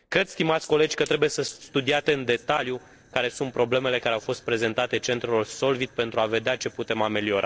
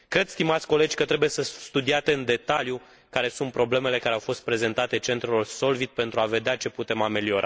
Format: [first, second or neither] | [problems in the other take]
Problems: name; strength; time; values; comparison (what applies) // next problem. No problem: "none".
second | noise reduction (neural separator model SepFormer DNS4)